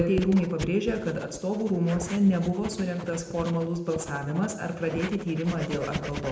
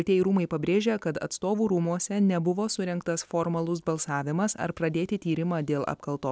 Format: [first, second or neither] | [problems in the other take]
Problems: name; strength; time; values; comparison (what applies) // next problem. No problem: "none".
second | background sound (Writing); 11 dB below the speech // room echo; dies away in 0.8 s